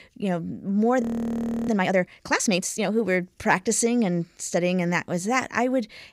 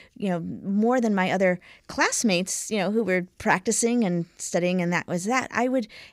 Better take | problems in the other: second | audio freezing; at 1 s for 0.5 s

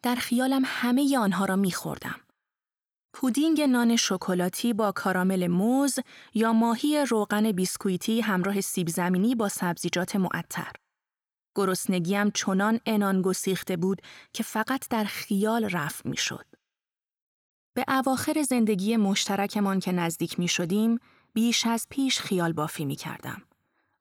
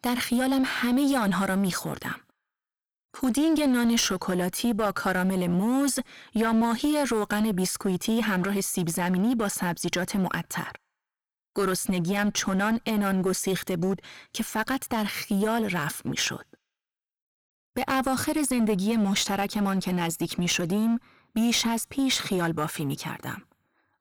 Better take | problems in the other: first | distortion; slight; 10% of the sound clipped

